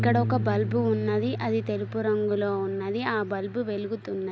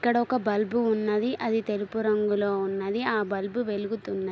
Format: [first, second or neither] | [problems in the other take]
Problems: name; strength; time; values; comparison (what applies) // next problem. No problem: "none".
second | background sound (Bass guitar); 6 dB below the speech